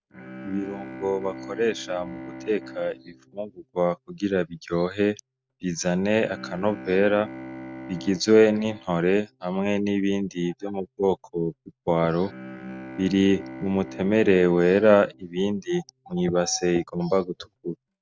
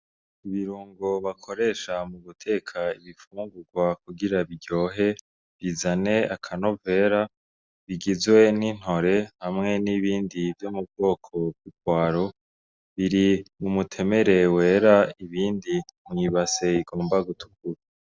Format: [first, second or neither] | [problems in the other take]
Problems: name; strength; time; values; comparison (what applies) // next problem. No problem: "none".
second | noise reduction (neural mask model RNNoise)